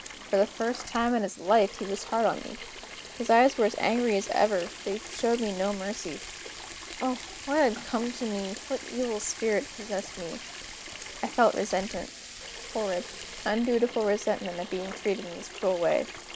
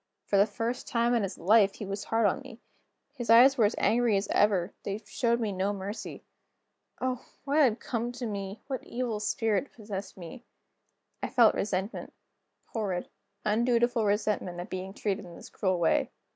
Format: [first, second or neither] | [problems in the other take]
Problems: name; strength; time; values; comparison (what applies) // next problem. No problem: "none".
second | background sound (Sink (filling or washing) / Water tap, faucet + Frying (food)); 13 dB below the speech